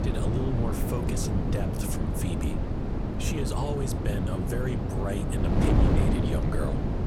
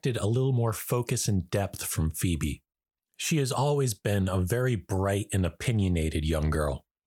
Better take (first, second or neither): second